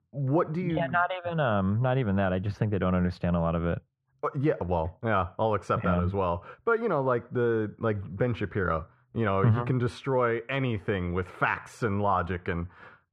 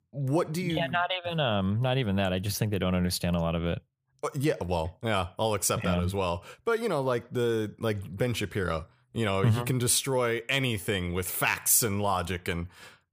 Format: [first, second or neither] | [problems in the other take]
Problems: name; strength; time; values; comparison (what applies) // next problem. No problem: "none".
second | muffled; very; fading above 1.5 kHz